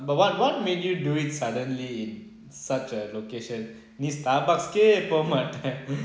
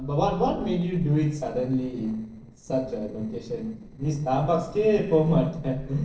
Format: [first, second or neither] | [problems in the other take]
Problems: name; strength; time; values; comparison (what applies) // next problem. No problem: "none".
first | noise reduction (neural separator model SepFormer DNS4)